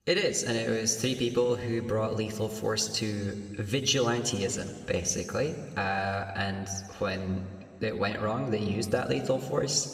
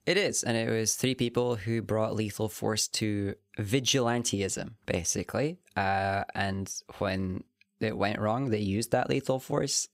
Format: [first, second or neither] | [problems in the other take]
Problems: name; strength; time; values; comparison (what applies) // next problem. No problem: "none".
second | room echo; slight; dies away in 2 s